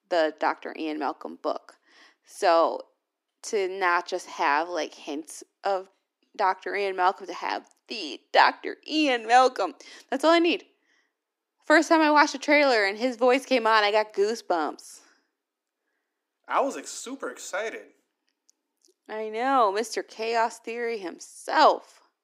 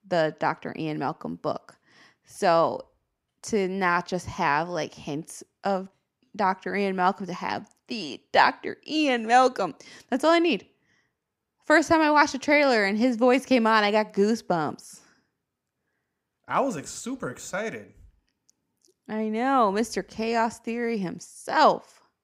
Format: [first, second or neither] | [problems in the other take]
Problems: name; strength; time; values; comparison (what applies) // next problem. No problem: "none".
second | thin; very slightly; fading below 300 Hz